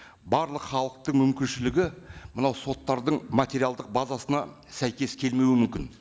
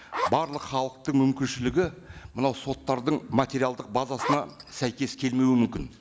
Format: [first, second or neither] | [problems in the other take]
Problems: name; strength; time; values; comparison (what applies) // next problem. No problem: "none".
first | background sound (Zipper (clothing)); 4 dB below the speech